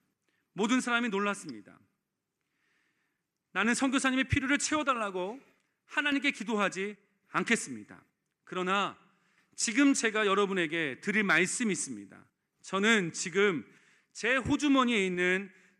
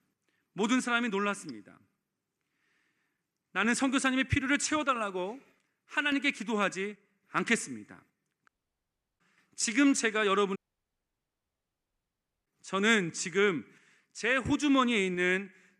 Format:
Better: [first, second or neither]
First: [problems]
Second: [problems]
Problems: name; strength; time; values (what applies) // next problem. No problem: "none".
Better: first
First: none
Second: audio cutting out; at 8.5 s for 0.5 s and at 11 s for 2 s